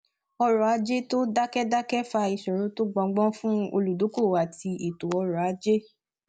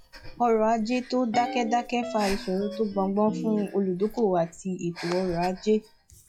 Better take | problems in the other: first | noise reduction (classical method log-MMSE)

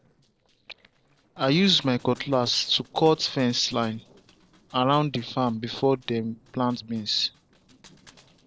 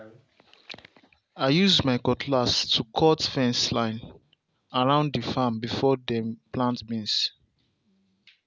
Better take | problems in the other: second | noise reduction (neural separator model SepFormer DNS4)

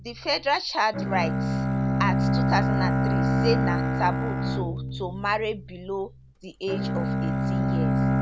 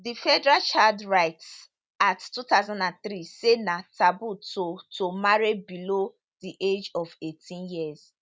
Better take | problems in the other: second | background sound (Bowed string instrument); 4 dB above the speech

